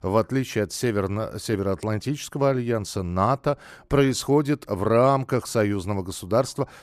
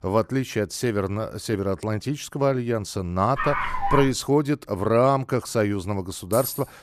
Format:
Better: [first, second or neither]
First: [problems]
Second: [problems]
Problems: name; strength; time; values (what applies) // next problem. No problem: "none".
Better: first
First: none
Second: dog barking; noticeable; at 3.5 s; peak 1 dB below the speech // jangling keys; noticeable; at 6.5 s; peak 7 dB below the speech